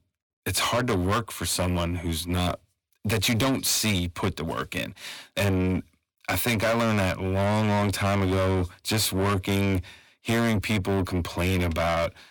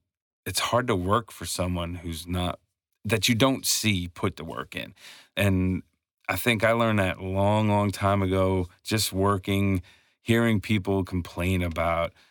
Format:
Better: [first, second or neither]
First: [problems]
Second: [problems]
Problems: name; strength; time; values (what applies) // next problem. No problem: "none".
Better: second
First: distortion; heavy; 7 dB below the speech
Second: none